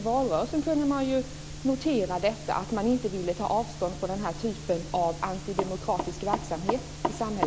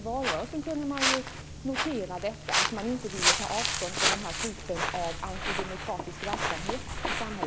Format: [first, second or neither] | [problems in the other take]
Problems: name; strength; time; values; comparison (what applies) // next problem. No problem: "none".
first | background sound (Walk, footsteps); 2 dB above the speech